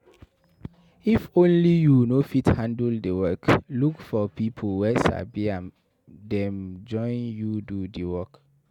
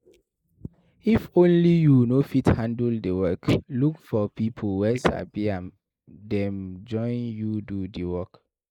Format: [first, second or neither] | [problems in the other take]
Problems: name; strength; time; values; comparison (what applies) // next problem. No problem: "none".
first | noise reduction (neural mask model Resemble Enhance denoiser)